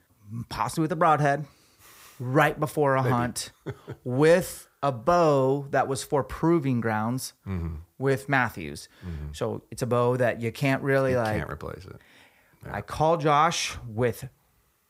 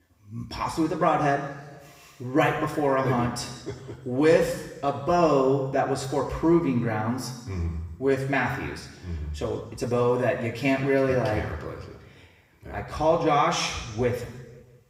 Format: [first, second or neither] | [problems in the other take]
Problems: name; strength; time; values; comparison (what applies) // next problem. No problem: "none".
first | room echo; noticeable; dies away in 1.1 s // off-mic speech; far